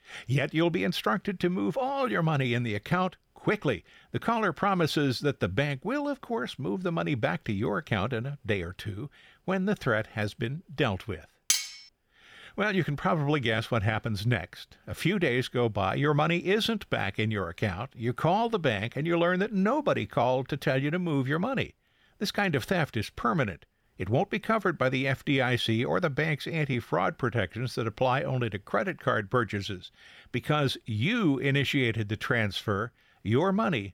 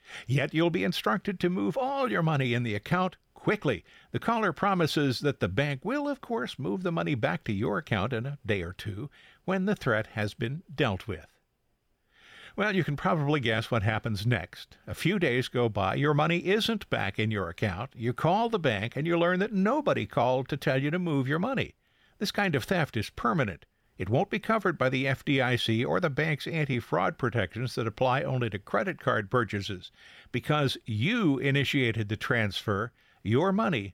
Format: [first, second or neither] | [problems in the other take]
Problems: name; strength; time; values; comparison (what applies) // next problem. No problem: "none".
second | clattering dishes; loud; at 12 s; peak 2 dB above the speech